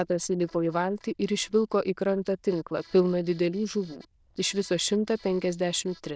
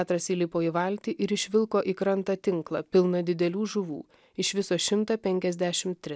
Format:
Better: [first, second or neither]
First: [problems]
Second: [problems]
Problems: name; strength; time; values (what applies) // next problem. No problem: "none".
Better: second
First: noise reduction (neural diffusion model UNIVERSE++)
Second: none